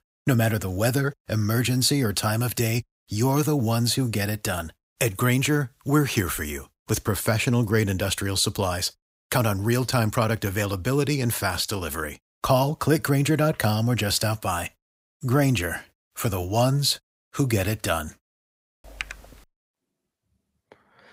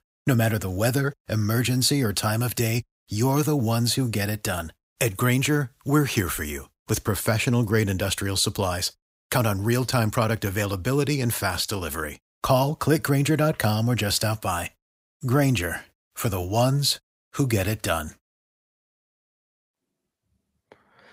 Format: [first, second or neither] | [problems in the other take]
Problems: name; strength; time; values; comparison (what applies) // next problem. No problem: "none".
second | keyboard typing; faint; at 19 s; peak 10 dB below the speech